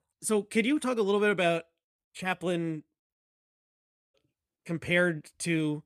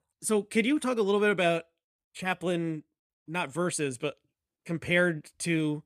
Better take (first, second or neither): second